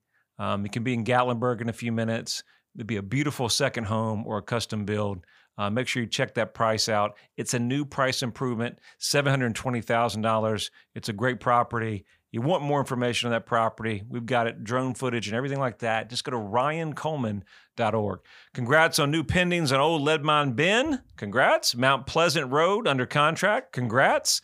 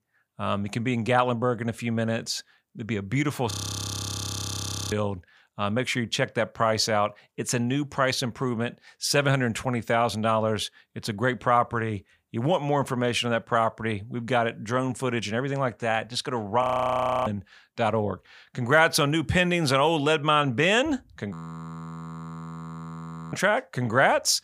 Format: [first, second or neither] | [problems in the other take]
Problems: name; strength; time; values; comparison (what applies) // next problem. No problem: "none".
first | audio freezing; at 3.5 s for 1.5 s, at 17 s for 0.5 s and at 21 s for 2 s